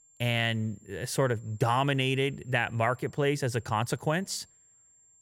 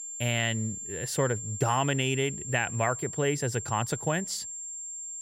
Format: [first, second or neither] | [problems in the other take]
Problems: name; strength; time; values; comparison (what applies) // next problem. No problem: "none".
first | high-pitched whine; loud; throughout; 7.5 kHz, 7 dB below the speech; faint in the first